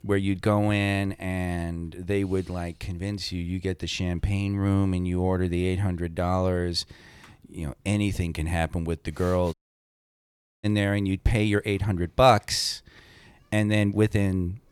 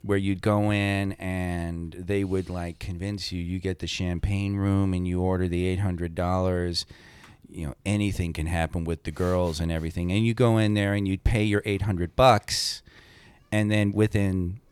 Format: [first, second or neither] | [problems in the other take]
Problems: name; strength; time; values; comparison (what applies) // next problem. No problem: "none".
second | audio cutting out; at 9.5 s for 1 s